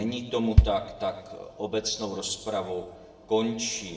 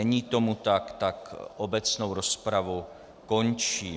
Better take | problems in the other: second | background sound (Bass drum); 3 dB above the speech // room echo; dies away in 0.7 s

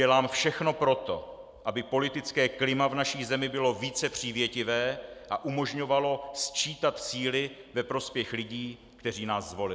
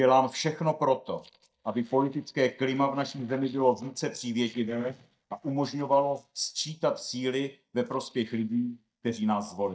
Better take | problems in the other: first | noise reduction (neural mask model DeepFilterNet 3)

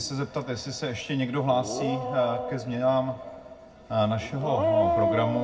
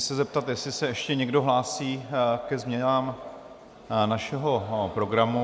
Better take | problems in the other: second | background sound (Dog); 4 dB below the speech // room echo; dies away in 0.4 s

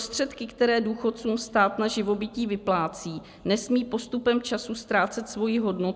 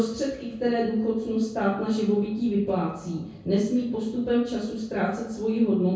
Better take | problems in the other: first | room echo; dies away in 0.5 s

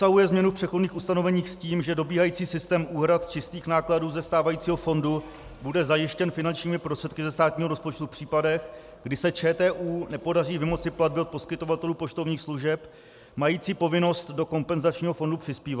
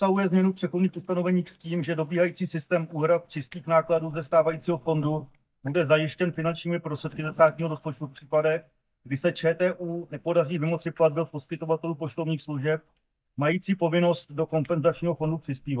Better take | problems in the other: first | noise reduction (neural mask model DeepFilterNet 3)

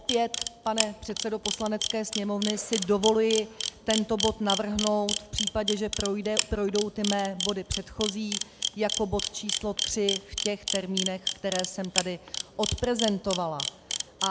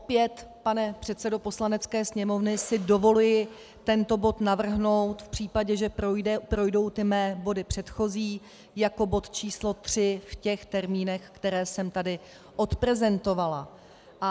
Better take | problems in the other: second | background sound (Camera); 4 dB below the speech

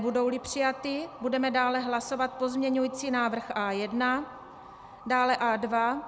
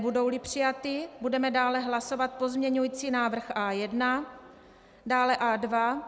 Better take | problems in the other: second | background sound (Motor vehicle (road) / Siren); 19 dB below the speech

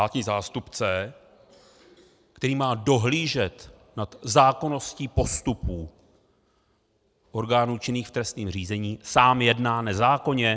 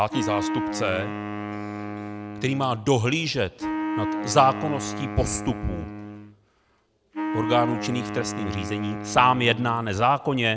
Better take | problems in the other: first | background sound (Wind instrument, woodwind instrument); 6 dB below the speech

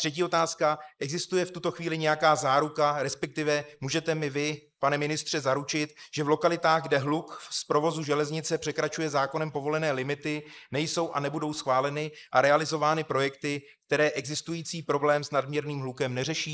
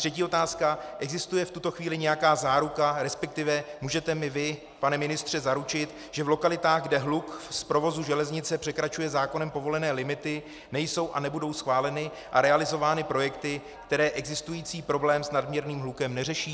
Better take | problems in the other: second | noise reduction (neural mask model Resemble Enhance denoiser)

